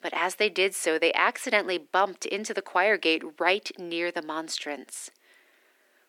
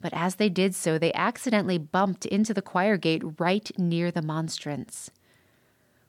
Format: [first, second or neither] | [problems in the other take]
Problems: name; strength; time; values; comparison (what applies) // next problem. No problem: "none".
second | thin; very; fading below 300 Hz